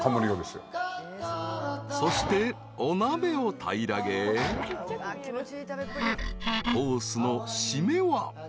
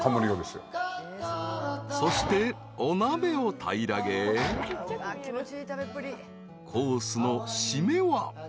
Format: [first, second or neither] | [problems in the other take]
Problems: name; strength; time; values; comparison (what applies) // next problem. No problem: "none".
second | background sound (Wood); 1 dB below the speech